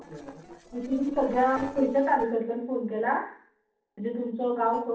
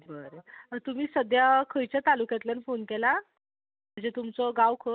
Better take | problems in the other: second | noise reduction (neural separator model SepFormer DNS4)

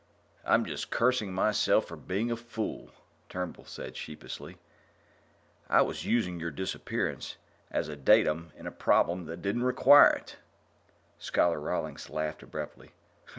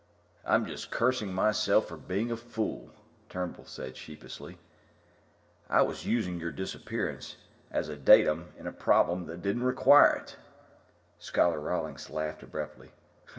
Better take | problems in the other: first | room echo; dies away in 2 s

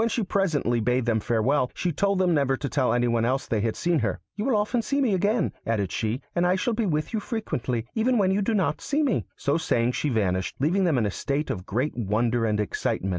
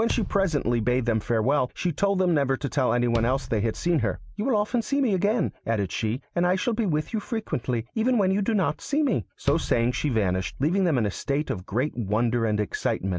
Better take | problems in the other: first | background sound (Bass drum); 12 dB below the speech

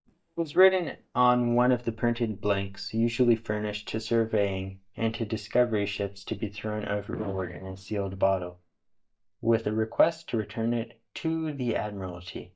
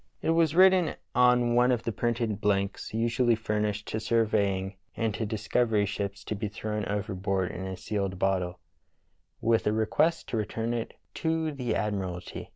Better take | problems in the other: second | noise reduction (neural mask model DeepFilterNet 3)

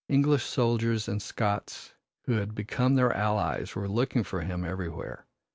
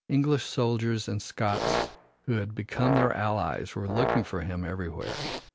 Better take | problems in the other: first | background sound (Zipper (clothing) + Brass instrument); 4 dB below the speech

